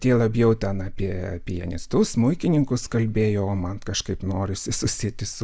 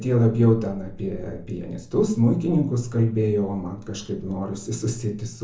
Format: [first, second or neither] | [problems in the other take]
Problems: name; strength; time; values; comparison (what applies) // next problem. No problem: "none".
first | room echo; dies away in 0.6 s